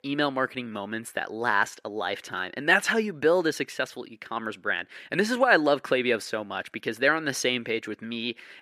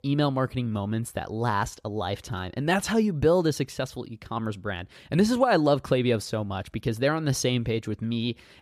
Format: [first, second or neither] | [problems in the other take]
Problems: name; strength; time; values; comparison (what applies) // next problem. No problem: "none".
second | thin; somewhat; fading below 350 Hz